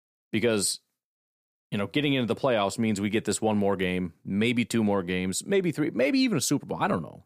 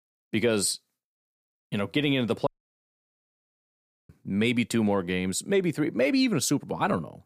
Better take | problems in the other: first | audio cutting out; at 2.5 s for 1.5 s

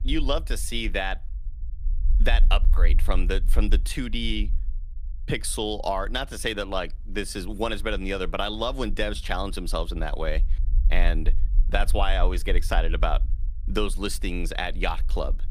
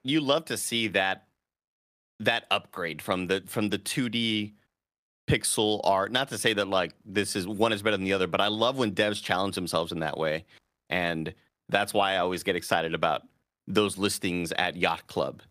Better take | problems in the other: second | low rumble; faint; throughout; 25 dB below the speech

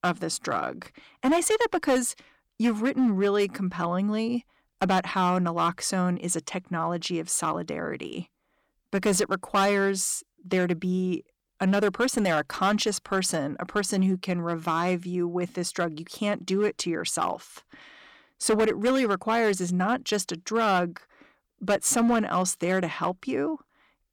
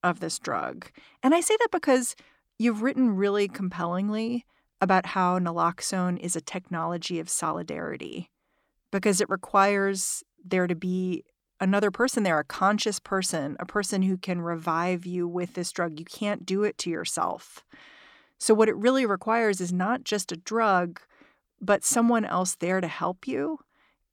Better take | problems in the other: second | distortion; slight; 5% of the sound clipped

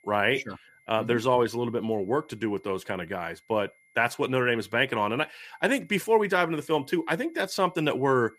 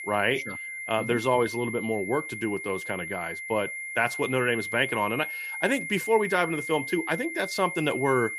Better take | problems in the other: first | high-pitched whine; loud; throughout; 2 kHz, 6 dB below the speech; faint in the first

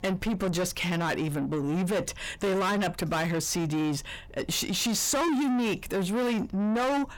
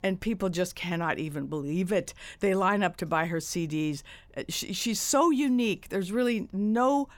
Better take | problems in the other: second | distortion; heavy; 6 dB below the speech

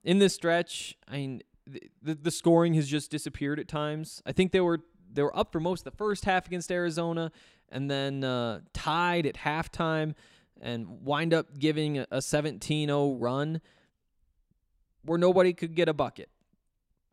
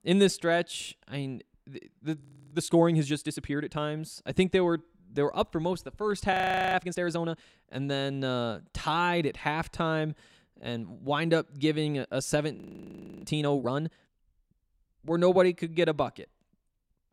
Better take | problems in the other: first | audio freezing; at 2 s, at 6.5 s and at 13 s for 0.5 s

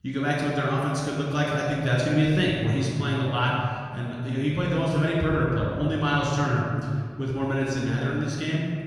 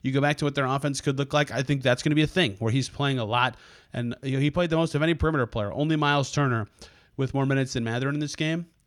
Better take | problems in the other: second | off-mic speech; far // room echo; noticeable; dies away in 1.9 s

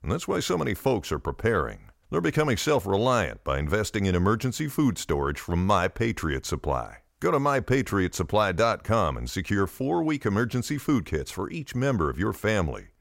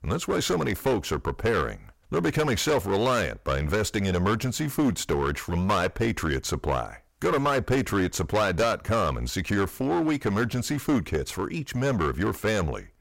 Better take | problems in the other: first | distortion; heavy; 12% of the sound clipped

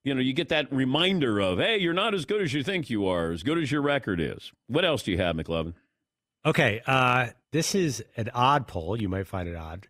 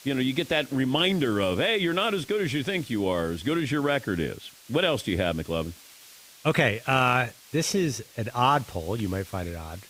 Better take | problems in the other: first | hiss; faint; throughout; 20 dB below the speech

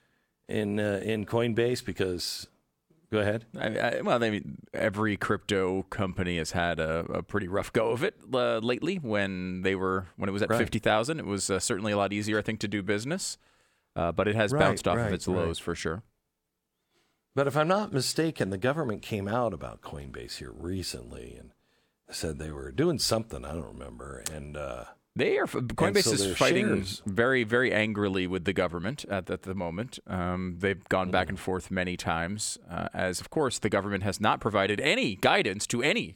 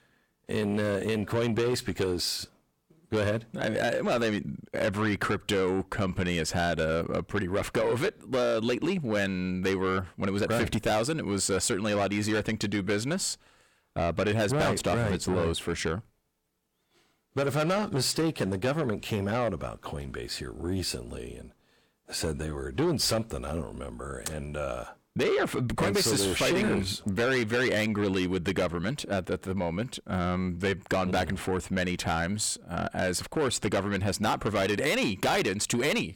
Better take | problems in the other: first | distortion; heavy; 8 dB below the speech

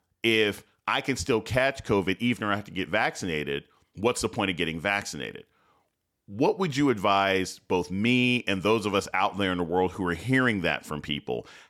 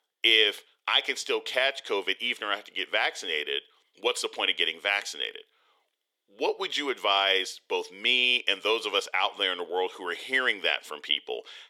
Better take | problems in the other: first | thin; very; fading below 400 Hz

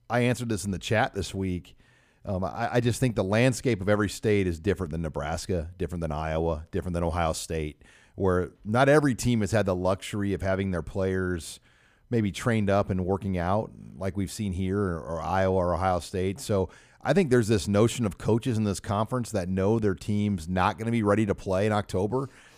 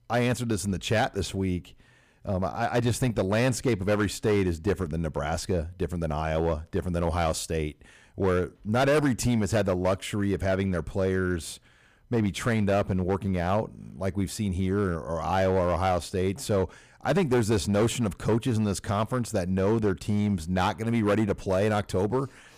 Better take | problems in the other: first | distortion; slight; 6% of the sound clipped

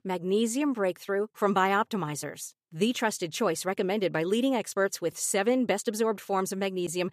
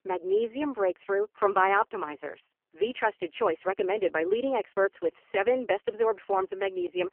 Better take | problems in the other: first | phone-call audio; poor line; nothing above 3 kHz

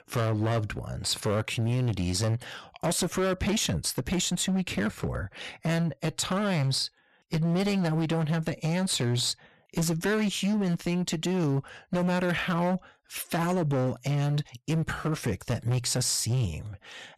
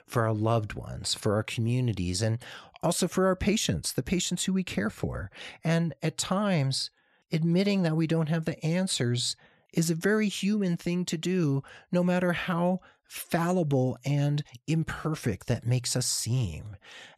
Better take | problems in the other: second | distortion; slight; 18% of the sound clipped

